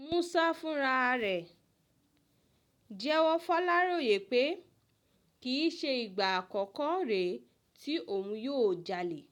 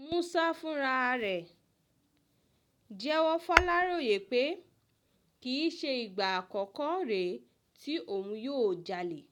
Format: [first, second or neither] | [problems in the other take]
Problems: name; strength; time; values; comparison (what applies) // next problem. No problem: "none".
first | background sound (Tap / Hammer); 2 dB below the speech